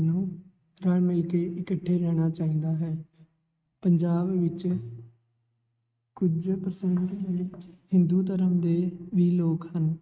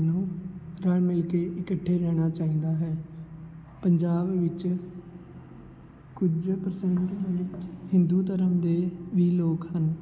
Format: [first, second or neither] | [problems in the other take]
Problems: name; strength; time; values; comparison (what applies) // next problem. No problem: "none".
second | noise reduction (neural mask model RNNoise)